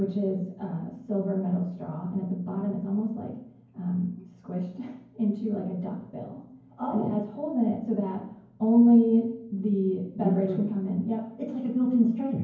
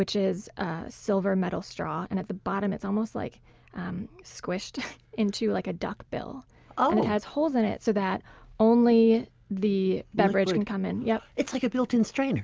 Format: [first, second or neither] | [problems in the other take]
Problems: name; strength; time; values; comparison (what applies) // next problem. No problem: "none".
second | room echo; dies away in 0.9 s